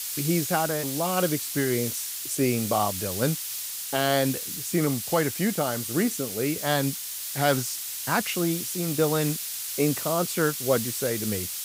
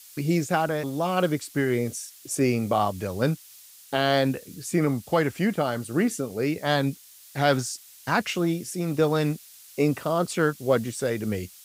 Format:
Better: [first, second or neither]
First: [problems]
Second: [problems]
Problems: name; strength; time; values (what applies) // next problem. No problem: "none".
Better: second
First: hiss; loud; throughout; 3 dB below the speech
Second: hiss; faint; throughout; 20 dB below the speech